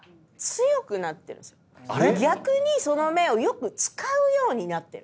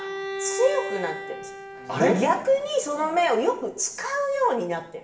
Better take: first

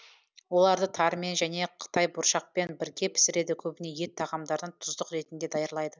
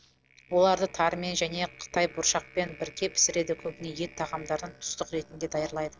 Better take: first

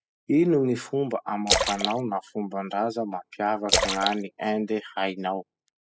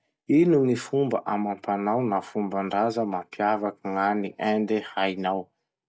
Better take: second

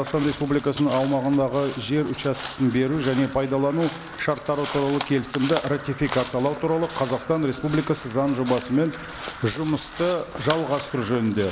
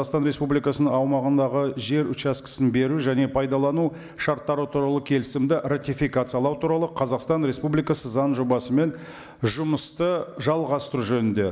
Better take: second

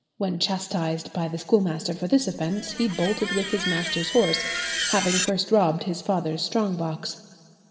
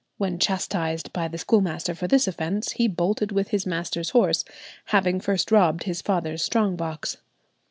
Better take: second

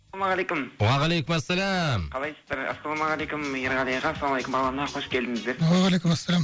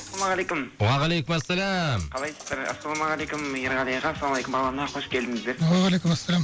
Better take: first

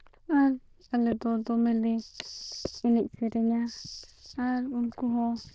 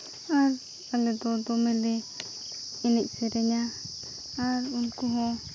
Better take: second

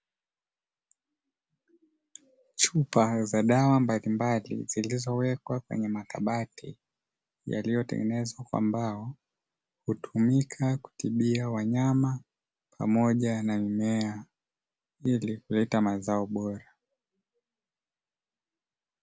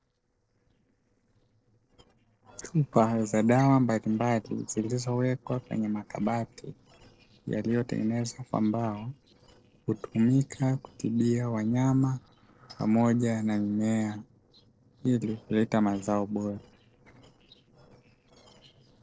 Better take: first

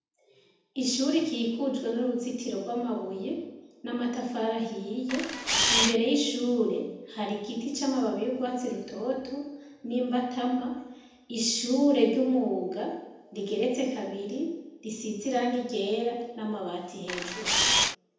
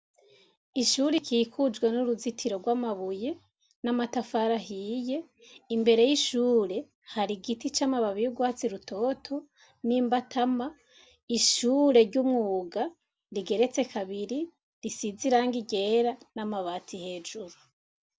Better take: second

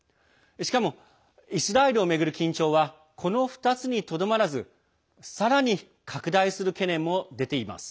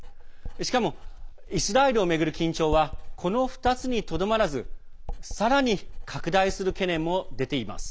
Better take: first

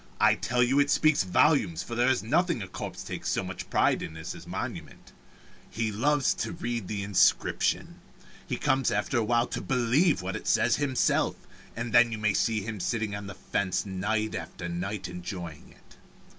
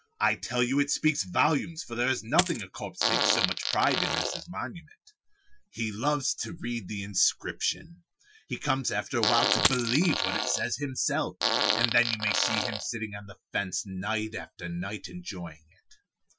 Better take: first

